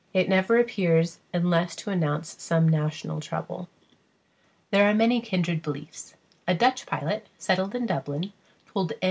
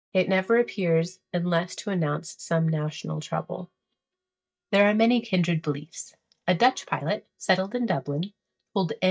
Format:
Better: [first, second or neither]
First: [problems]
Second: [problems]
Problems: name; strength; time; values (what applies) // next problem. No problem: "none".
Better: first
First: none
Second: noise reduction (neural mask model DeepFilterNet 3)